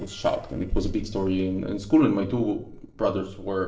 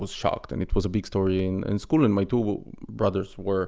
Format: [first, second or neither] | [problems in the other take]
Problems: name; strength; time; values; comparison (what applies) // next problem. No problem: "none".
second | noise reduction (neural separator model SepFormer DNS4)